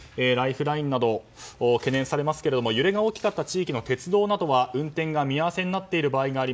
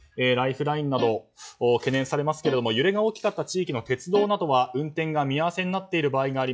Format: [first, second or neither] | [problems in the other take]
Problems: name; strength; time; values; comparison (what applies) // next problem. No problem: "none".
first | noise reduction (classical method log-MMSE)